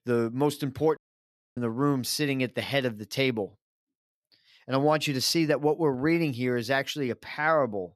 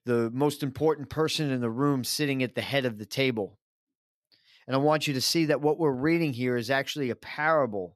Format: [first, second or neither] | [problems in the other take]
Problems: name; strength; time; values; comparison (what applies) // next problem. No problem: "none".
second | audio cutting out; at 1 s for 0.5 s